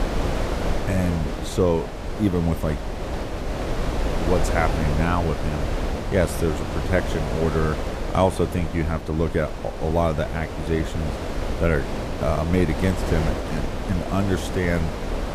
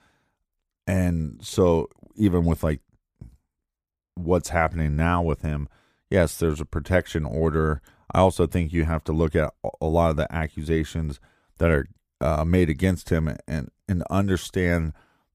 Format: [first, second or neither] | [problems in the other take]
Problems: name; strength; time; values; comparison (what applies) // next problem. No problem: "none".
second | wind noise on the microphone; heavy; 4 dB below the speech